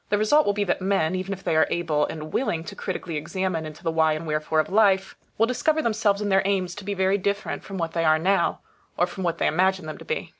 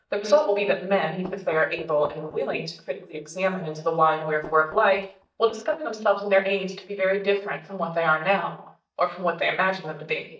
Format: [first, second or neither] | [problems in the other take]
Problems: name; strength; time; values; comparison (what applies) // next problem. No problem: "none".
first | noise reduction (neural mask model DeepFilterNet 3)